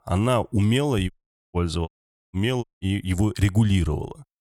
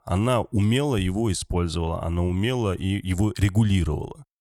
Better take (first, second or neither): second